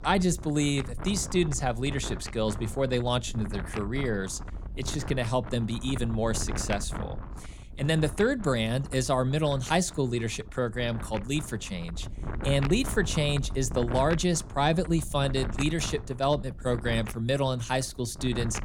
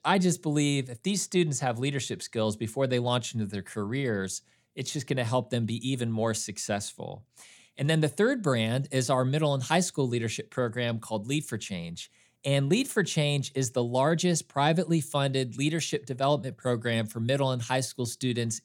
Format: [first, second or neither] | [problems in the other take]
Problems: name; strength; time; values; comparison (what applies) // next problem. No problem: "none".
second | wind noise on the microphone; occasional gusts; 15 dB below the speech